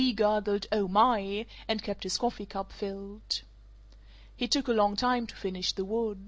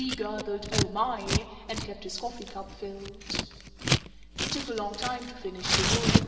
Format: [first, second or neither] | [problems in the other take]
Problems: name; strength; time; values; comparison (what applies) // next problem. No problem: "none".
first | background sound (Scissors); 4 dB above the speech // room echo; dies away in 2.8 s